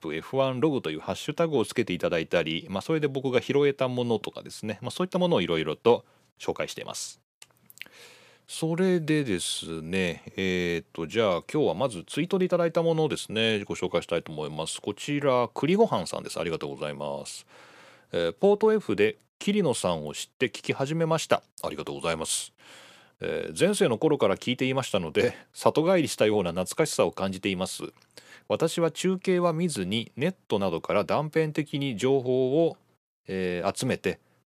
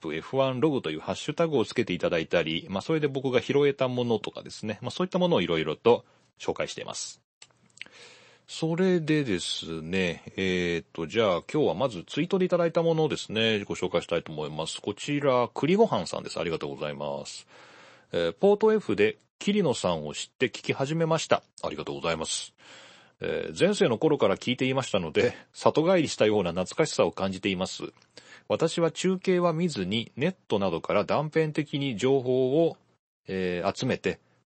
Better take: first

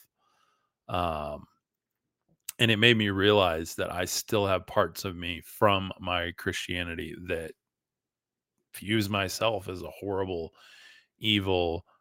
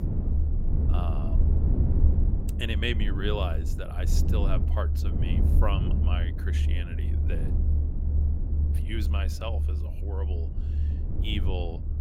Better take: first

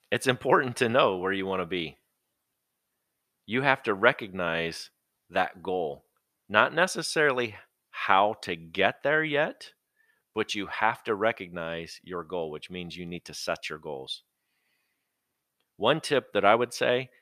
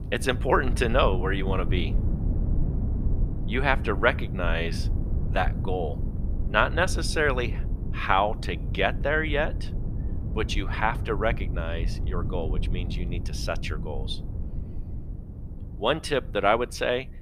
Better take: first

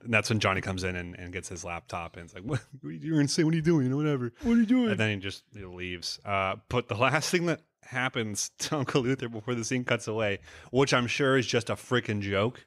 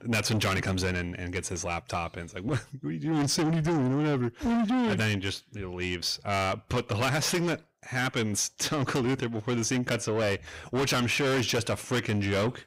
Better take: first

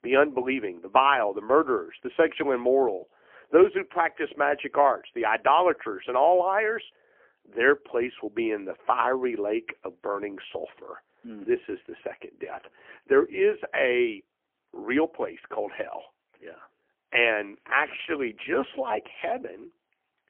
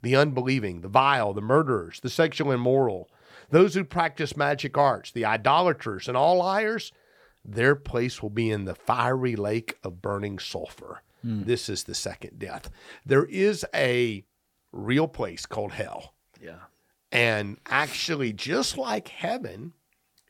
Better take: second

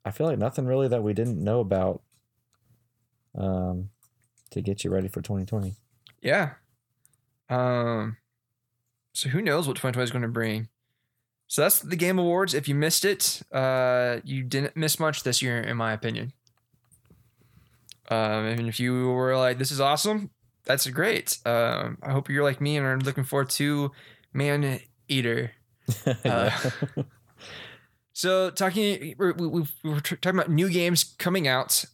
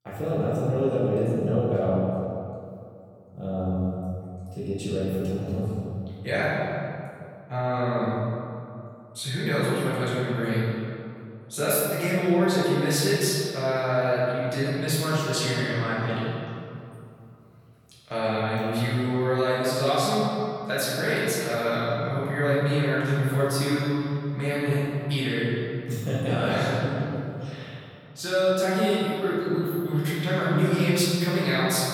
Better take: first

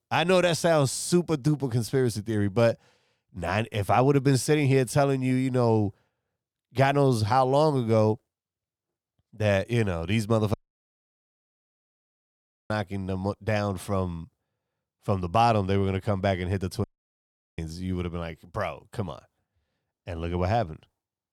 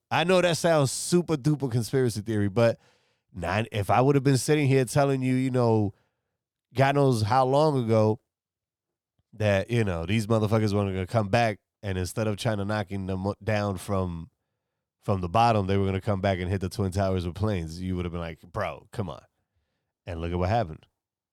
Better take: second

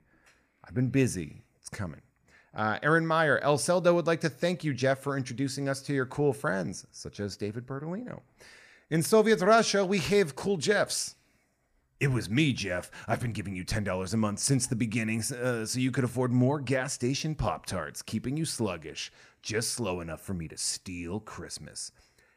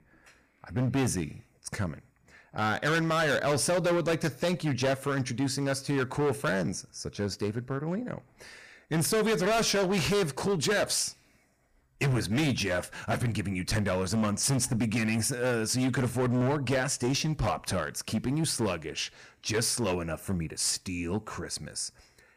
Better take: first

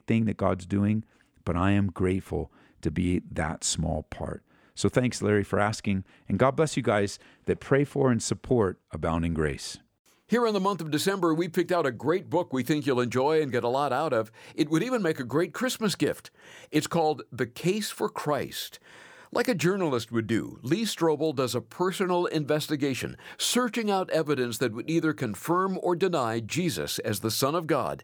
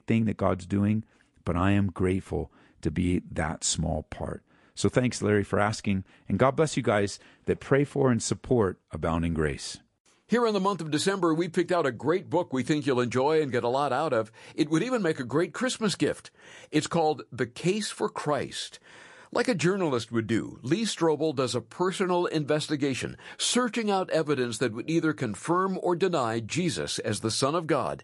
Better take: first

